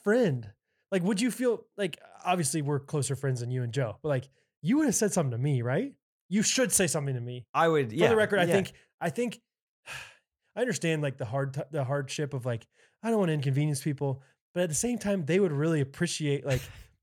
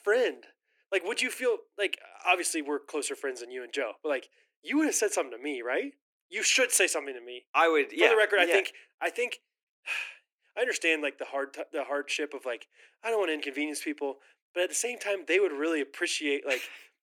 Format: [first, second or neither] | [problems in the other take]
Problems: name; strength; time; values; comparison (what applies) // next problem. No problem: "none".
first | thin; somewhat; fading below 300 Hz